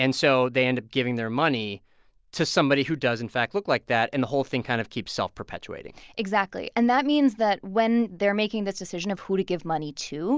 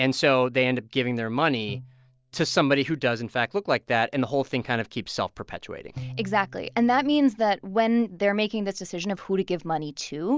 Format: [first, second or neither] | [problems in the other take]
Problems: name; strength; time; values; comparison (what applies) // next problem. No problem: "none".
first | noise reduction (neural mask model DeepFilterNet 3)